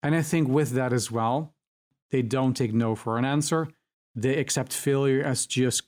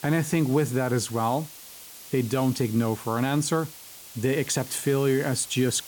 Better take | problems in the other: first | hiss; noticeable; throughout; 15 dB below the speech

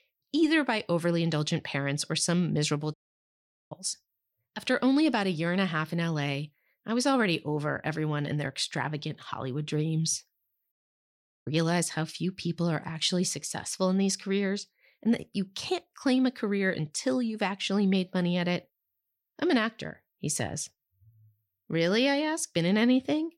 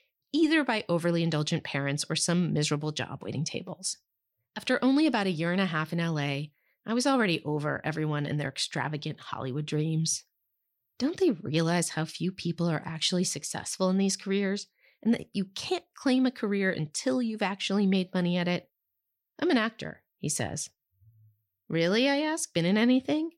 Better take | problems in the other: second | audio cutting out; at 3 s for 1 s and at 11 s for 0.5 s

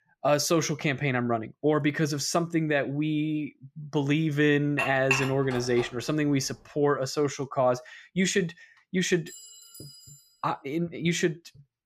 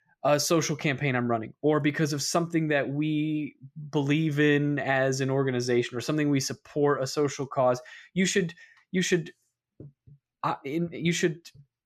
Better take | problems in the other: second | clattering dishes; noticeable; from 5 to 6 s; peak level with the speech // clattering dishes; faint; from 9.5 to 10 s; peak 15 dB below the speech

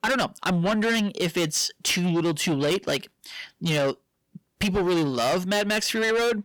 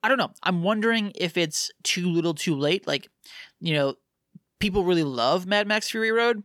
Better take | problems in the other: second | distortion; heavy; 7 dB below the speech

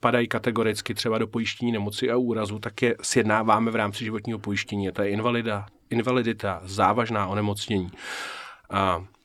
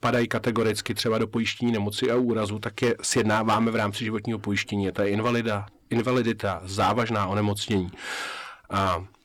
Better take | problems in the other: first | distortion; slight; 5% of the sound clipped

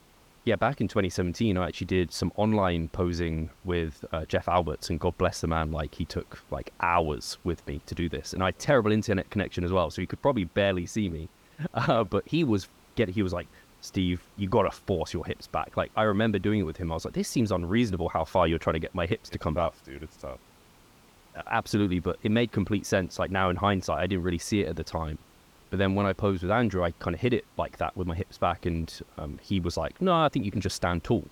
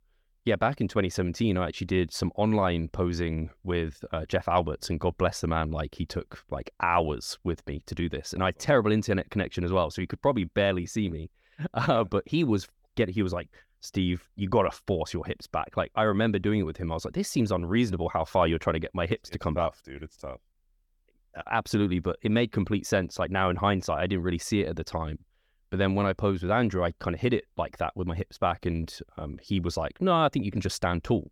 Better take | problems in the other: second | hiss; faint; throughout; 30 dB below the speech

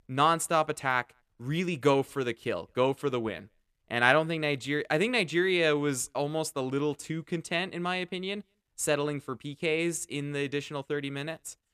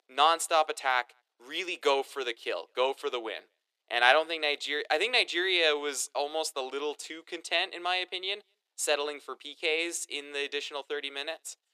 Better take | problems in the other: first | thin; very; fading below 350 Hz

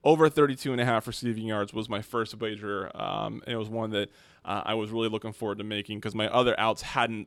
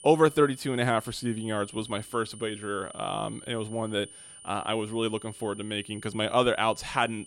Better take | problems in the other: first | high-pitched whine; noticeable; throughout; 9.5 kHz, 15 dB below the speech

